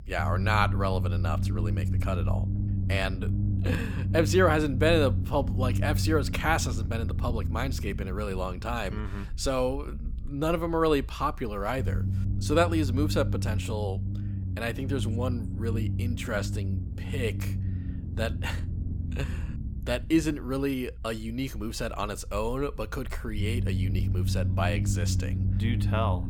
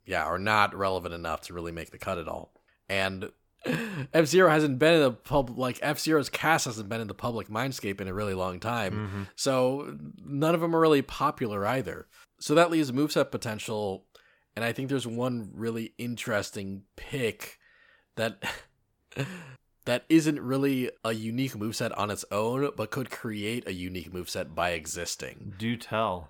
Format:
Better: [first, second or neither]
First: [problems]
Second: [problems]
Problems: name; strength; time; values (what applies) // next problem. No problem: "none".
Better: second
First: low rumble; noticeable; throughout; 10 dB below the speech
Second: none